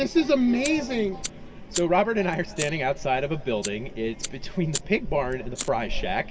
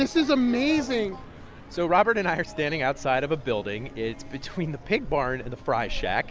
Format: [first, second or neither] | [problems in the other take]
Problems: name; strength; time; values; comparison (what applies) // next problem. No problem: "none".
second | background sound (Fire); 14 dB below the speech // room echo; dies away in 2.3 s